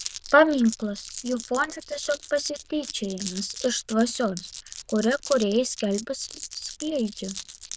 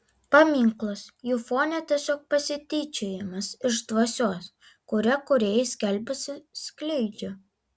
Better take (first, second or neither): second